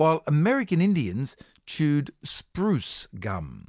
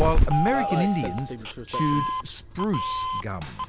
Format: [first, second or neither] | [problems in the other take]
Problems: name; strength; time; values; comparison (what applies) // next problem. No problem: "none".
first | background sound (Doorbell); 1 dB above the speech